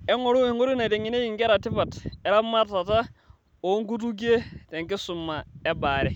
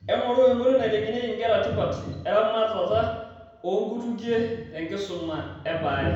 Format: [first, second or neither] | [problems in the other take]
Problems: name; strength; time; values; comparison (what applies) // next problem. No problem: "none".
first | room echo; dies away in 0.9 s